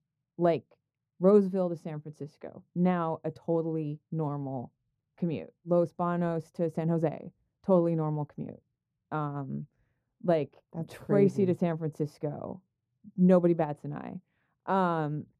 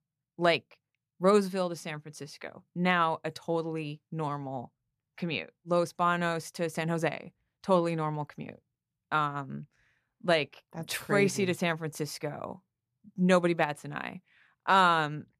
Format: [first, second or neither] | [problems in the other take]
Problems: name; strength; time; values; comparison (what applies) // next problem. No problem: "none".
second | muffled; very; fading above 1 kHz